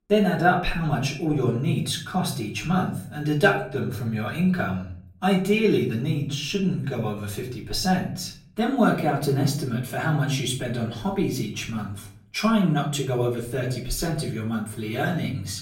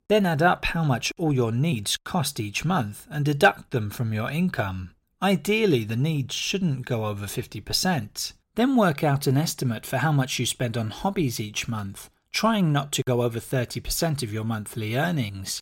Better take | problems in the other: second | off-mic speech; far // room echo; slight; dies away in 0.5 s

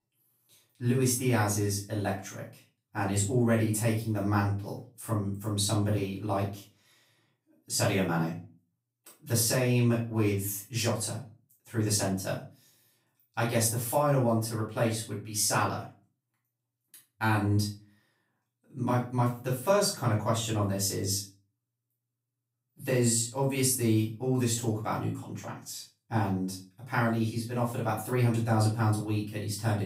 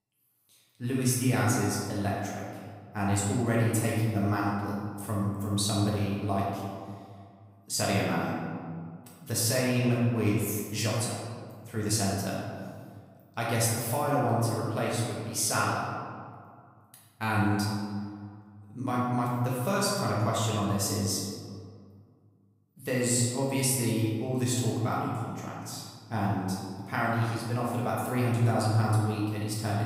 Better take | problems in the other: first | room echo; strong; dies away in 1.8 s; slight in the first // off-mic speech; far; far in the first

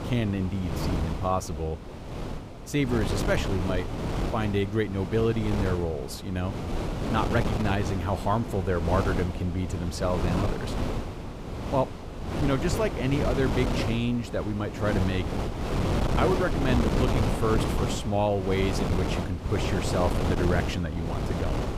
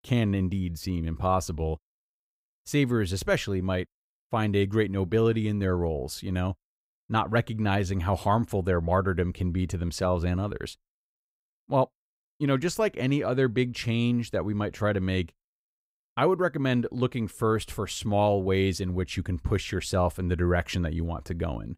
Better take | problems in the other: second | wind noise on the microphone; heavy; 4 dB below the speech

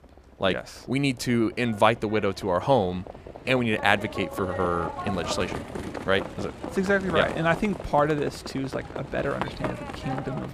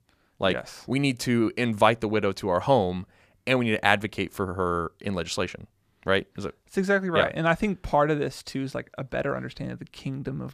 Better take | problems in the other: second | animal sounds; loud; throughout; 10 dB below the speech

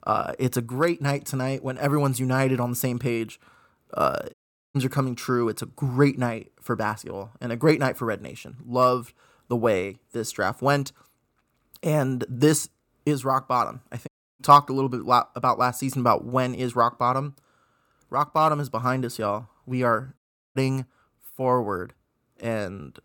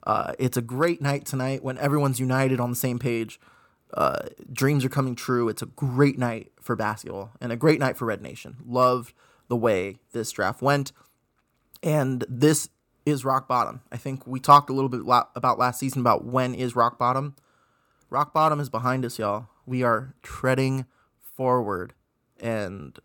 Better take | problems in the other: second | audio cutting out; at 4.5 s, at 14 s and at 20 s

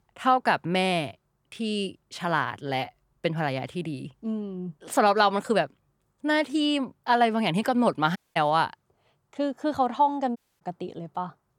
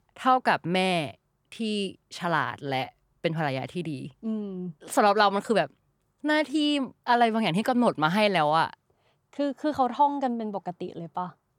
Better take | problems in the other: second | audio cutting out; at 8 s and at 10 s

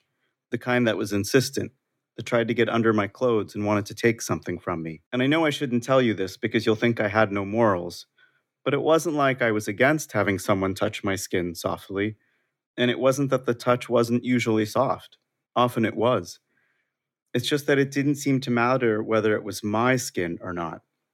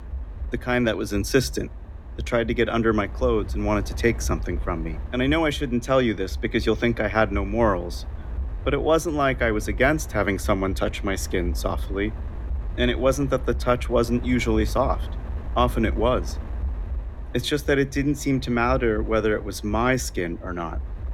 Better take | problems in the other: first | wind noise on the microphone; occasional gusts; 20 dB below the speech

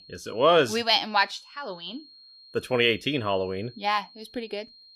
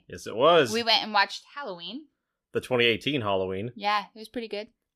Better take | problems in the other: second | high-pitched whine; faint; throughout; 4.5 kHz, 25 dB below the speech

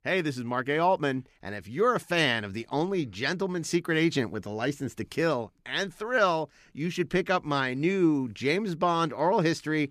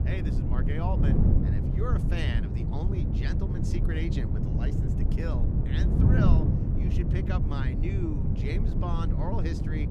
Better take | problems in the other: first | wind noise on the microphone; heavy; 1 dB above the speech

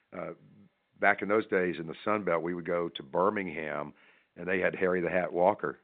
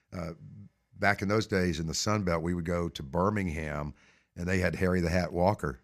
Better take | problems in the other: second | phone-call audio; nothing above 3.5 kHz

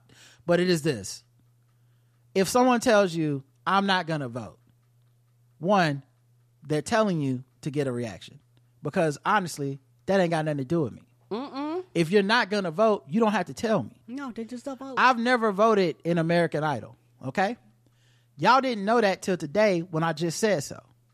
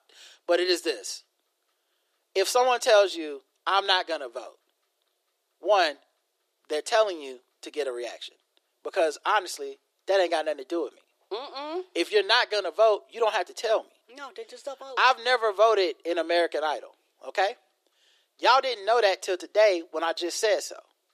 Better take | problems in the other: first | thin; very; fading below 350 Hz

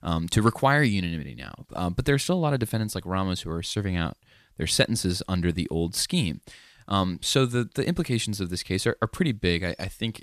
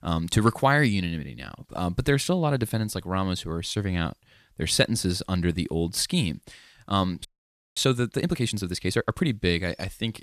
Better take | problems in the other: first | audio freezing; at 7.5 s for 0.5 s

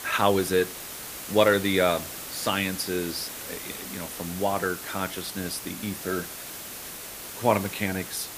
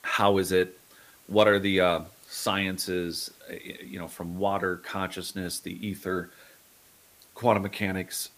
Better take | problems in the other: second | hiss; loud; throughout; 9 dB below the speech; faint in the second

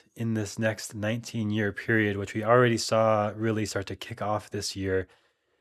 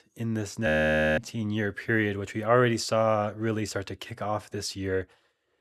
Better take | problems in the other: first | audio freezing; at 0.5 s

